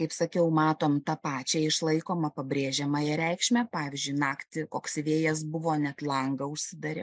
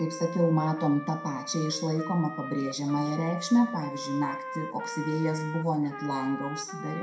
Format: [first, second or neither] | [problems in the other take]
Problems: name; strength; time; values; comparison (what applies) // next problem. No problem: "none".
first | background sound (Trumpet); 10 dB below the speech // room echo; dies away in 0.5 s